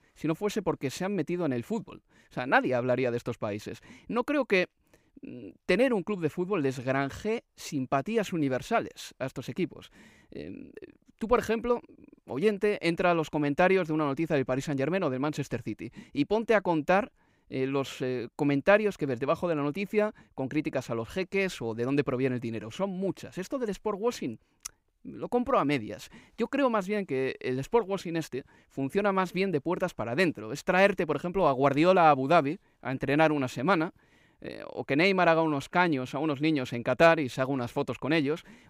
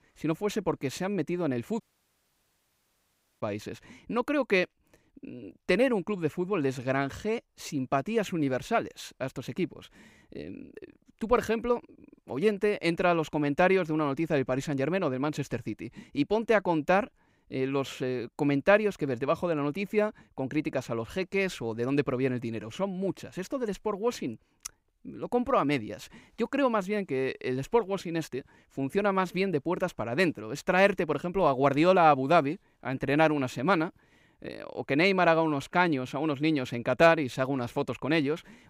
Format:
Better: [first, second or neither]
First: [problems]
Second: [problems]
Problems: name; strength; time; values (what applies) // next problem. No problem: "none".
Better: first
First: none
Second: audio cutting out; at 2 s for 1.5 s